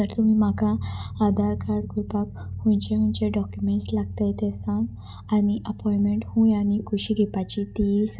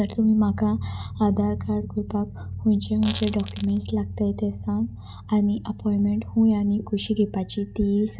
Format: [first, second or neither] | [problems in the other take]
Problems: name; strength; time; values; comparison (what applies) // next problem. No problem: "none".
first | background sound (Fart); 16 dB below the speech